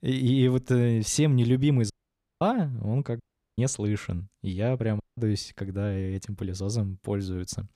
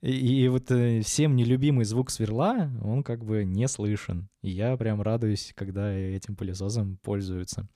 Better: second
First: audio cutting out; at 2 s for 0.5 s, at 3 s and at 5 s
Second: none

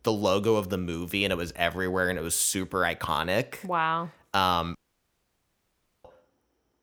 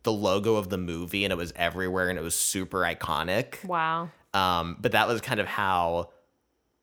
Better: second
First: audio cutting out; at 5 s for 1.5 s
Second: none

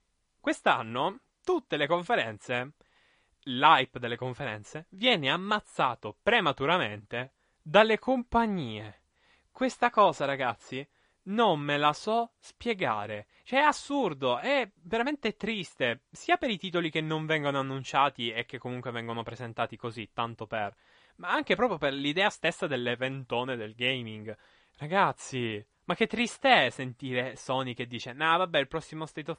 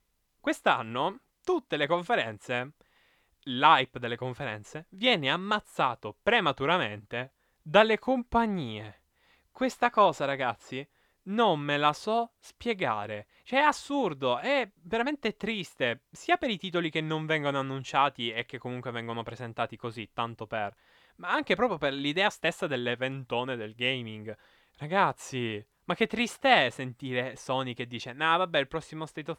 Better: second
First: garbled, watery; slightly; nothing above 10 kHz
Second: none

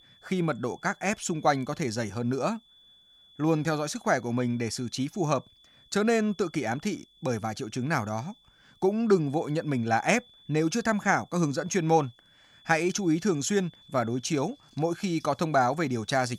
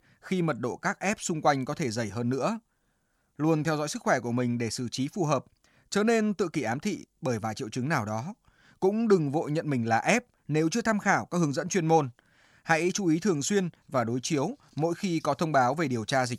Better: second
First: high-pitched whine; faint; throughout; 3.5 kHz, 30 dB below the speech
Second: none

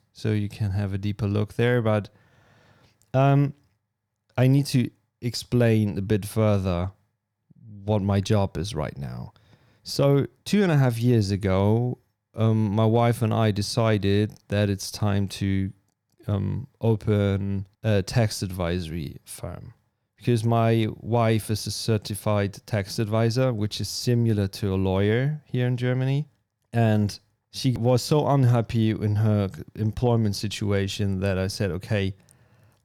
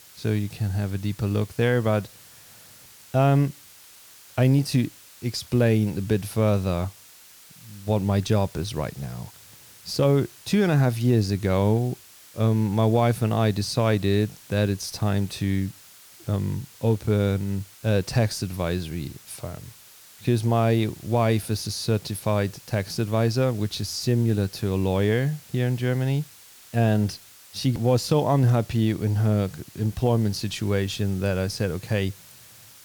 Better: first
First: none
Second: hiss; faint; throughout; 20 dB below the speech

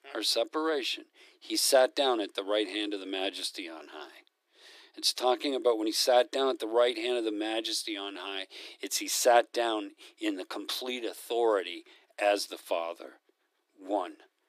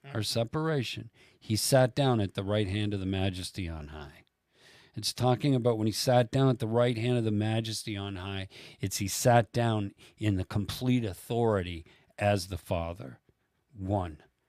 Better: second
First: thin; very; fading below 300 Hz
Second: none

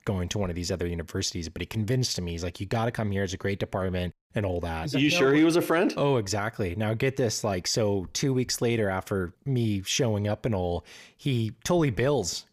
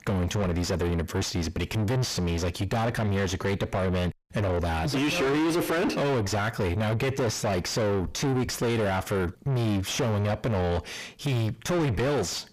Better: first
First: none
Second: distortion; heavy; 6 dB below the speech

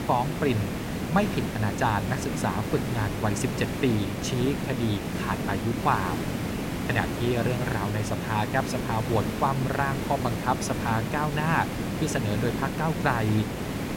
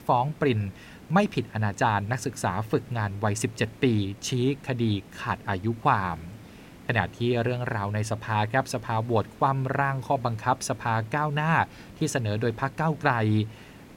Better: second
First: hiss; loud; throughout; 2 dB below the speech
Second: hiss; faint; throughout; 20 dB below the speech

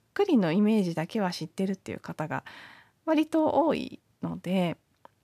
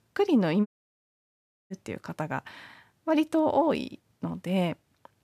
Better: first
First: none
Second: audio cutting out; at 0.5 s for 1 s

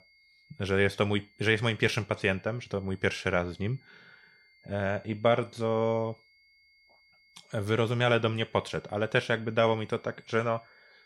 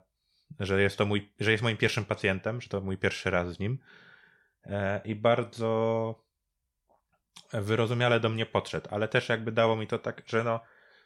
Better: second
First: high-pitched whine; faint; throughout; 2 kHz, 30 dB below the speech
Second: none

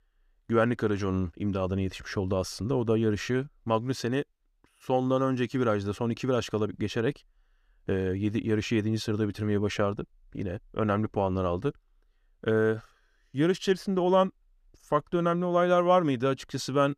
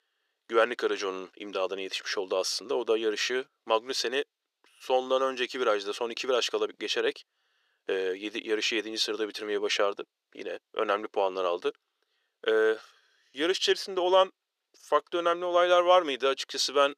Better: first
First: none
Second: thin; very; fading below 400 Hz

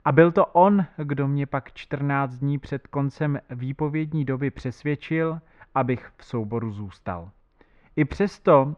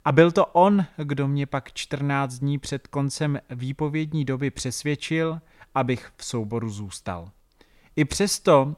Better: second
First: muffled; very; fading above 1.5 kHz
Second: none

